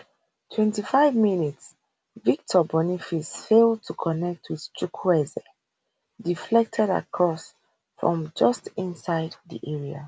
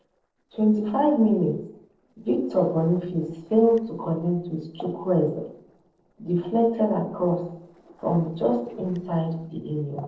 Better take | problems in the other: first | noise reduction (neural separator model SepFormer DNS4)

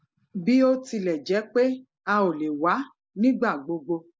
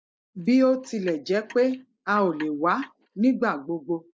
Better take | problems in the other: first | noise reduction (neural mask model DeepFilterNet 3)

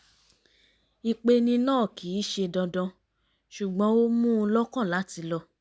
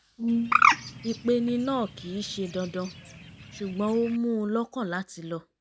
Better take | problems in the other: first | background sound (Bird + Brass instrument); 1 dB above the speech

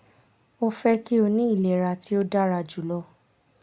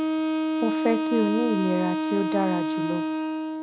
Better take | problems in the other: first | background sound (Wind instrument, woodwind instrument); 2 dB above the speech

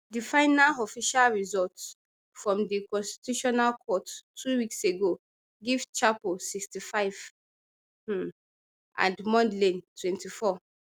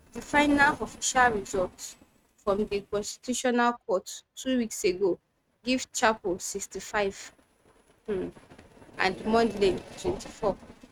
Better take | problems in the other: first | noise reduction (neural mask model RNNoise)

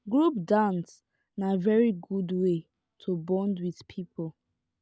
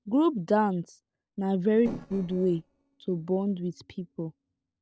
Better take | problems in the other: first | noise reduction (neural separator model SepFormer DNS4)

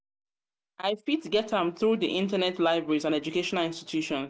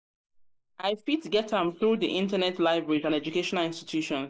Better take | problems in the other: first | noise reduction (neural mask model Resemble Enhance denoiser)

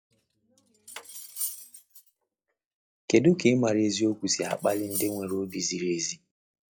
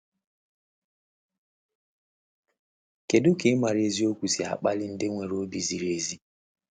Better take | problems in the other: second | noise reduction (classical method log-MMSE)

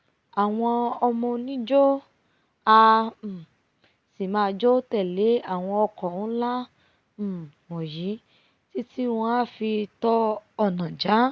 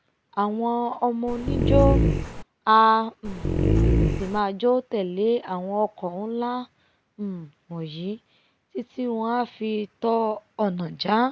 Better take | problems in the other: first | background sound (Dog); 4 dB above the speech

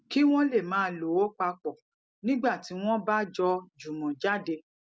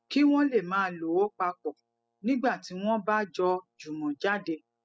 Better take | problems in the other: first | noise reduction (classical method spectral subtraction)

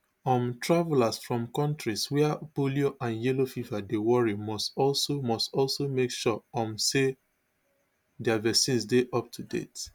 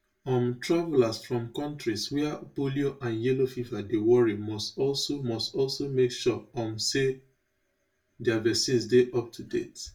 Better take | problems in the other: first | room echo; dies away in 0.2 s

